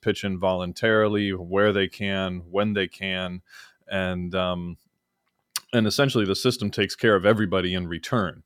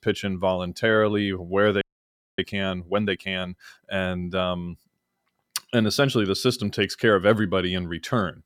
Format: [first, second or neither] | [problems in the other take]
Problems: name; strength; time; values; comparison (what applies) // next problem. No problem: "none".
first | audio freezing; at 2 s for 0.5 s